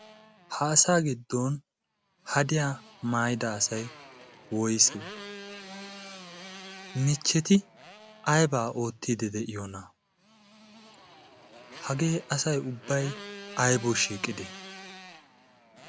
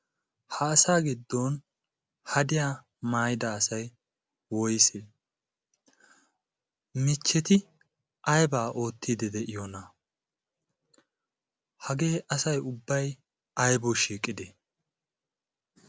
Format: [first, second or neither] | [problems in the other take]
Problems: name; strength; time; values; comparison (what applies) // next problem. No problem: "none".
second | background sound (Motorcycle); 18 dB below the speech